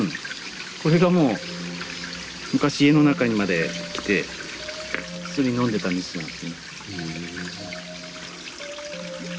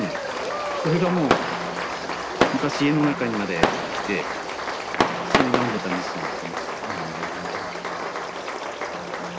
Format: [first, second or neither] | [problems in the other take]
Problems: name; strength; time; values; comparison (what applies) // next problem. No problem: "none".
first | background sound (Applause + Fireworks); 2 dB above the speech